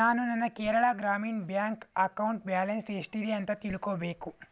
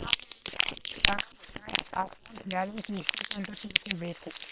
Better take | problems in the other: first | noise reduction (neural separator model SepFormer WHAM!)

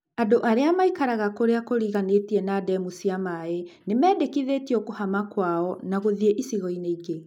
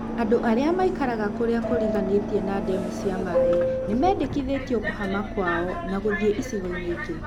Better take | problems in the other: first | background sound (Subway, metro, underground); 3 dB below the speech

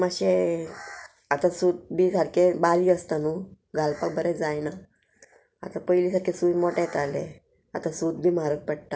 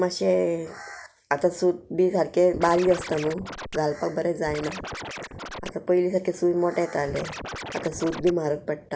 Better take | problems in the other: first | background sound (Scratching (performance technique)); 11 dB below the speech

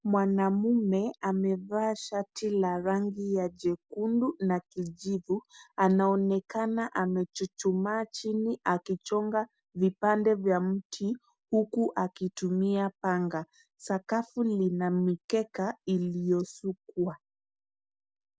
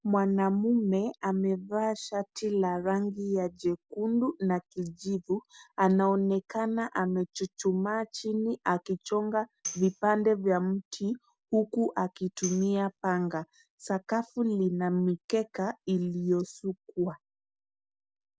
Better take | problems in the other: first | background sound (Tambourine); 15 dB below the speech

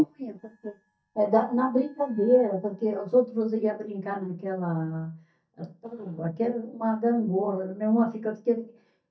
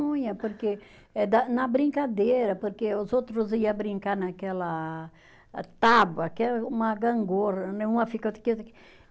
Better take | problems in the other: second | noise reduction (neural mask model DeepFilterNet 3)

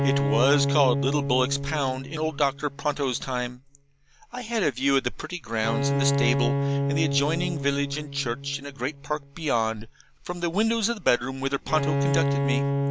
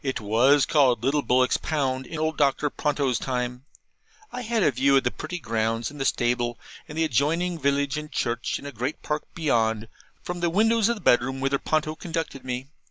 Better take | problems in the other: second | background sound (Bowed string instrument); 1 dB below the speech

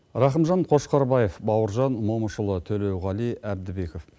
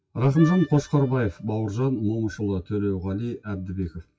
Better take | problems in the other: first | noise reduction (classical method WPE with log-MMSE)

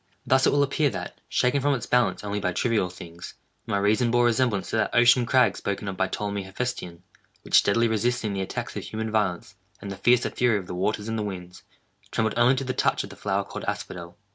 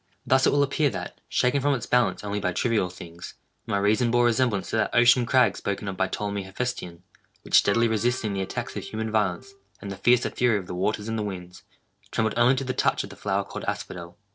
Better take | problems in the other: first | noise reduction (neural separator model SepFormer DNS4)

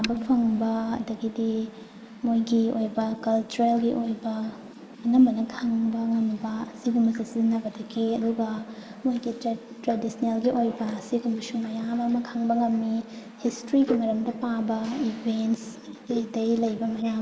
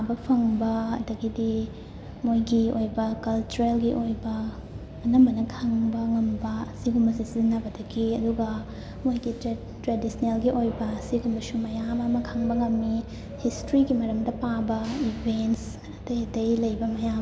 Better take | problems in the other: second | noise reduction (neural mask model Resemble Enhance denoiser)

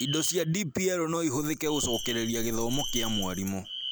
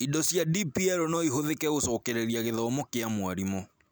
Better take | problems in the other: second | background sound (Alarm + Bell); 6 dB below the speech

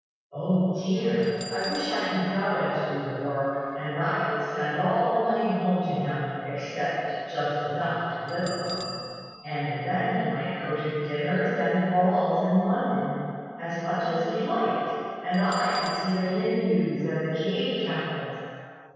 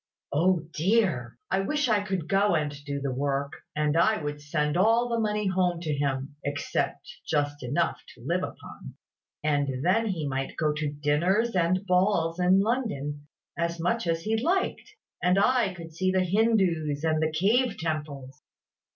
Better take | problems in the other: second | background sound (Bell); 20 dB below the speech // room echo; dies away in 2.2 s

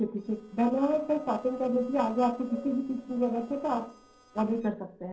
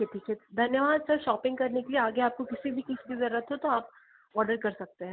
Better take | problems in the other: second | noise reduction (neural separator model SepFormer DNS4)

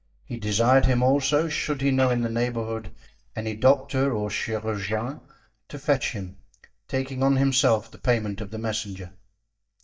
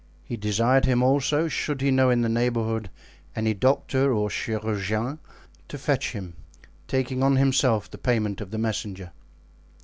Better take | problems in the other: second | noise reduction (neural mask model DeepFilterNet 3)

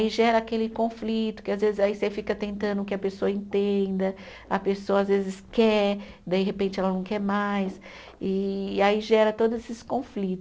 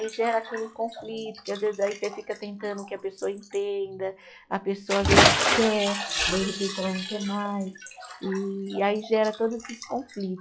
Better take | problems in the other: first | noise reduction (classical method log-MMSE)

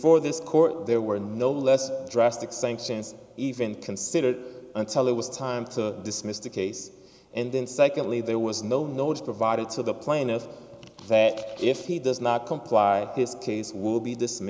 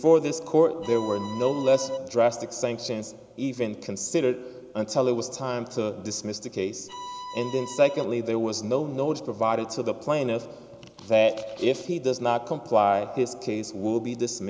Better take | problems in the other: first | background sound (Bowed string instrument); 13 dB below the speech

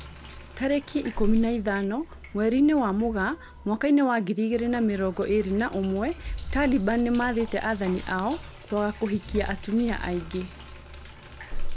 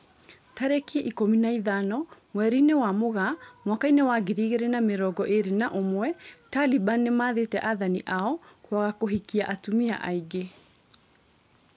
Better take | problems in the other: second | background sound (Sink (filling or washing)); 9 dB below the speech

